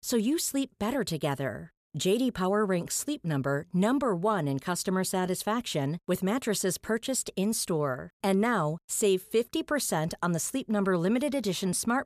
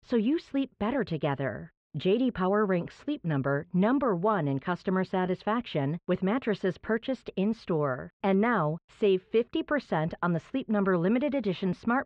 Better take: first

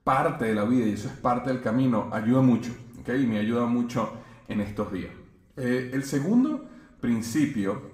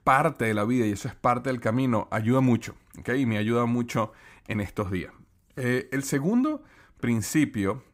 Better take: second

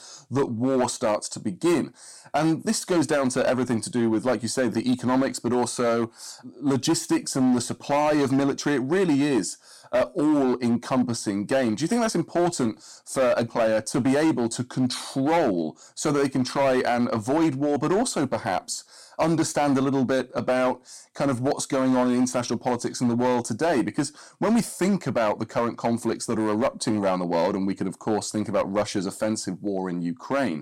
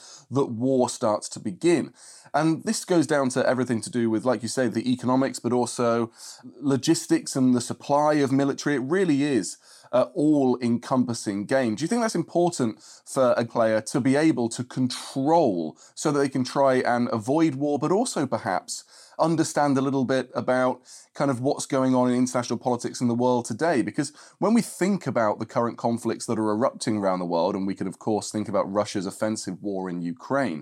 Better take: second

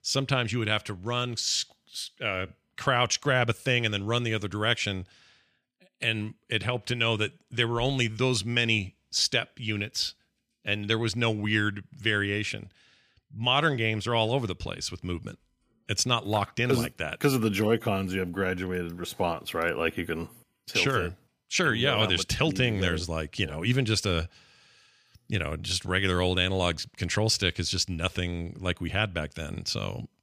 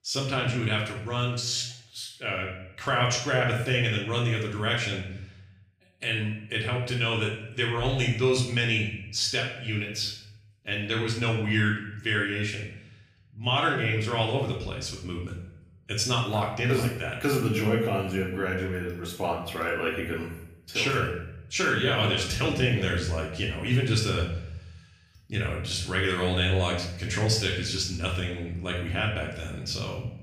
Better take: first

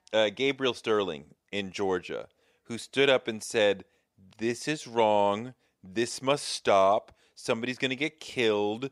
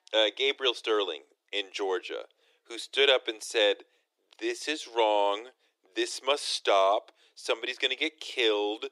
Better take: first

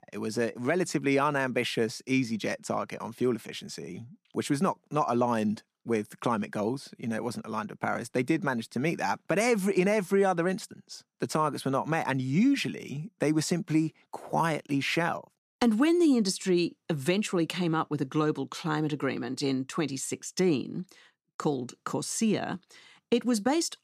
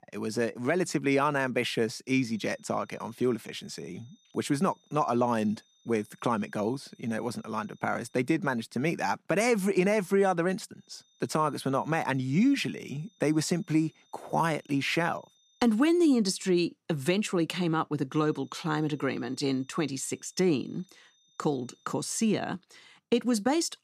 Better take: first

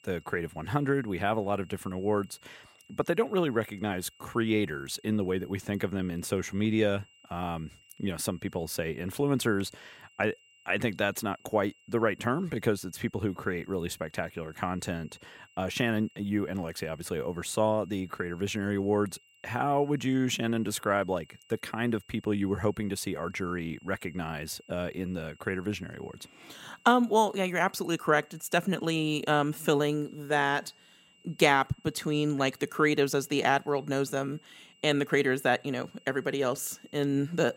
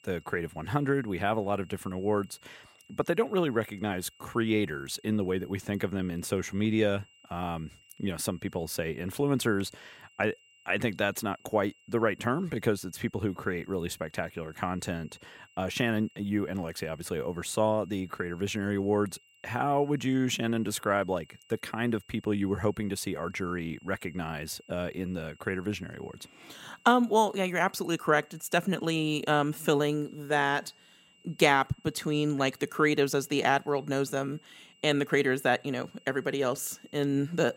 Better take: neither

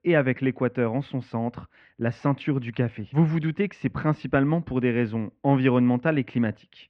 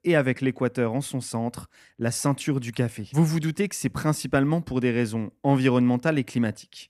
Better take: second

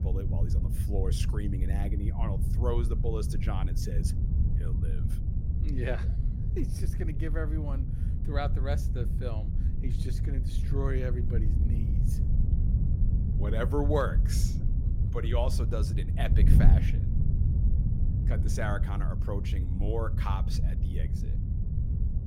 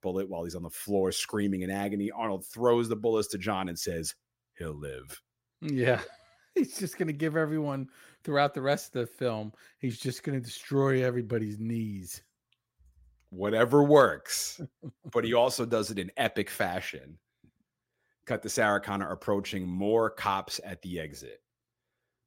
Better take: second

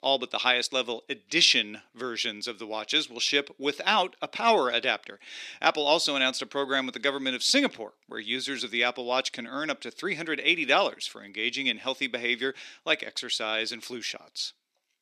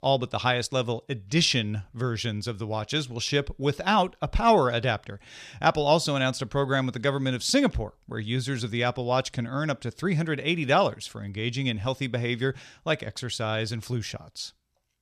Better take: second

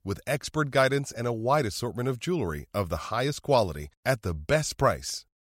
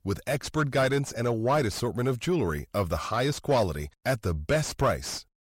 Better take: first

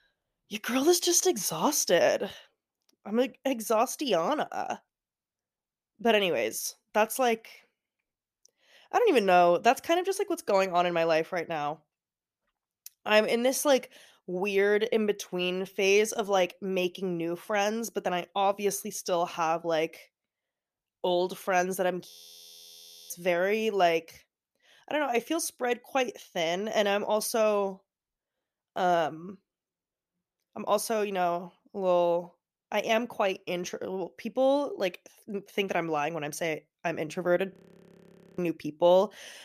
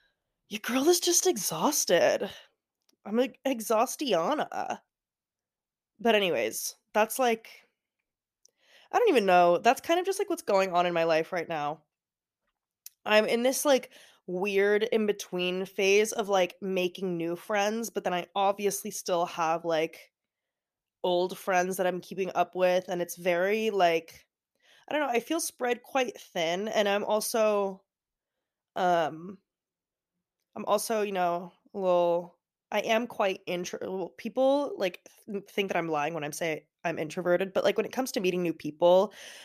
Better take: second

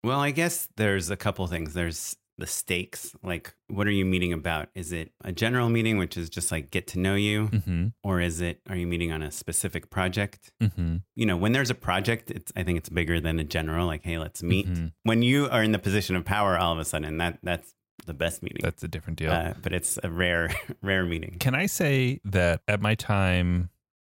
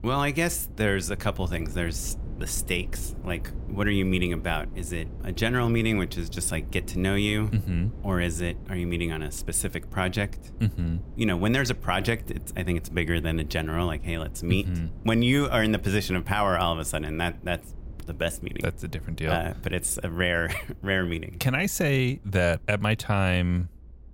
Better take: first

